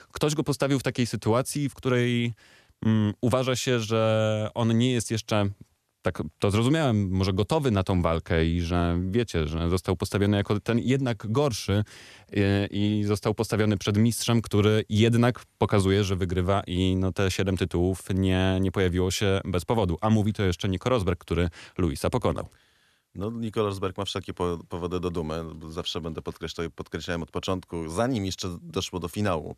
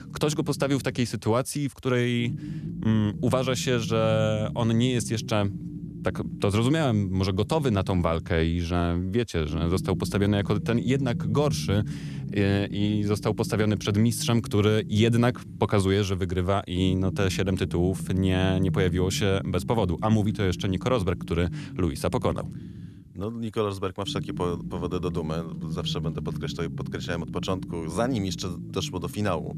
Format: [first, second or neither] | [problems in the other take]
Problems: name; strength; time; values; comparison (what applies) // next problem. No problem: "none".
first | low rumble; noticeable; throughout; 15 dB below the speech